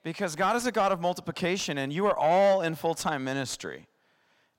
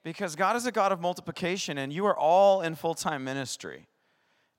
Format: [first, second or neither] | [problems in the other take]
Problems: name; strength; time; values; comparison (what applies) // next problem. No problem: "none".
second | distortion; slight; 10 dB below the speech